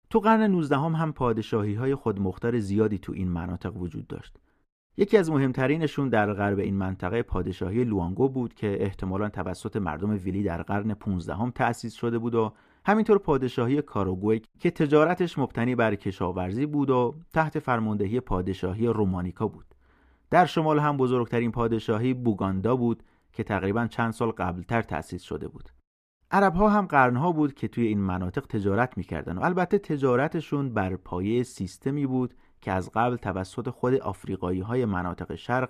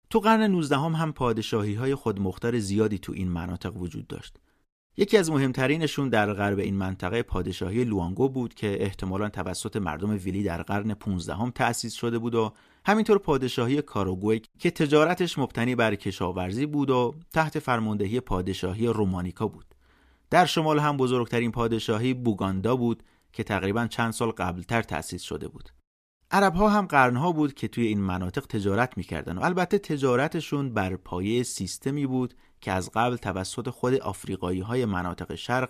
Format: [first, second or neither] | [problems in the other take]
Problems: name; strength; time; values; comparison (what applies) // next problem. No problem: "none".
second | muffled; slightly; fading above 2.5 kHz